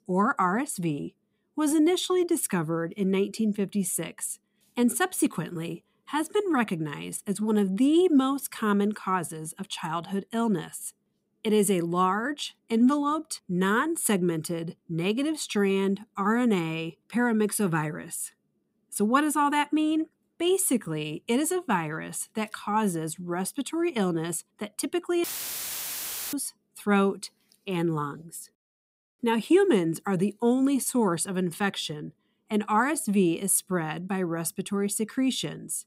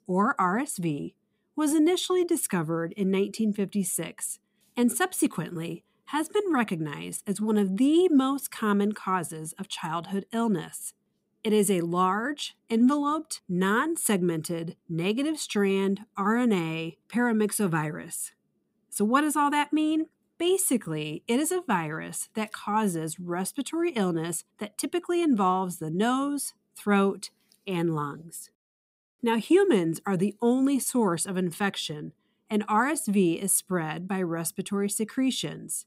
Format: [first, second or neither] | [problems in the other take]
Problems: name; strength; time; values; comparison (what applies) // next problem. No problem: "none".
second | audio cutting out; filled with static; at 25 s for 1 s